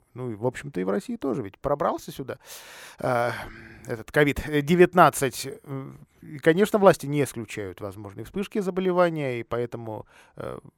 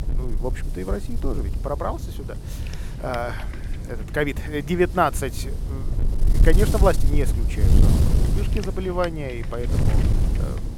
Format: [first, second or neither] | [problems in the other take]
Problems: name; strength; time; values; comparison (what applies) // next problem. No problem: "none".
first | wind noise on the microphone; occasional gusts; 10 dB below the speech